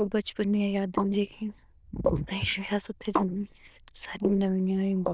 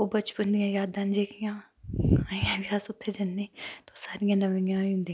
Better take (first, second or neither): second